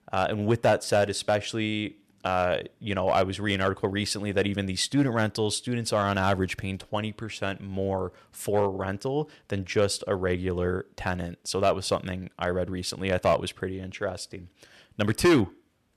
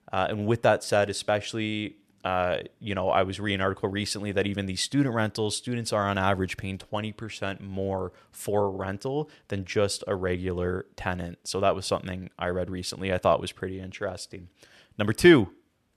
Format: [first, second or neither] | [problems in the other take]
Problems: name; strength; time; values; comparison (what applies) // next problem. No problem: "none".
second | distortion; slight; 1.5% of the sound clipped